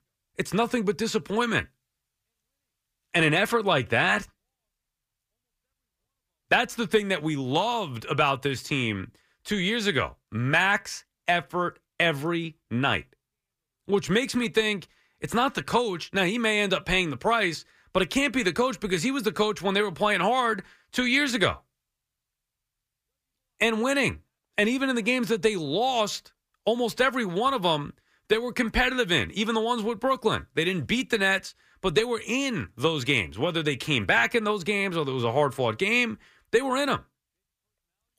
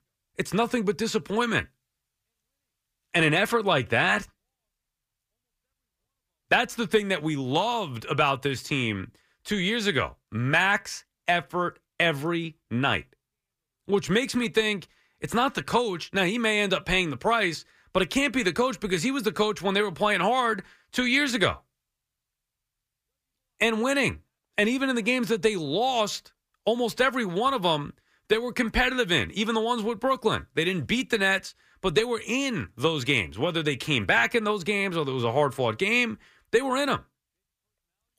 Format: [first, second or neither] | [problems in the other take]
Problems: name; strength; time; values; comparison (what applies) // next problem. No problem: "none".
neither | none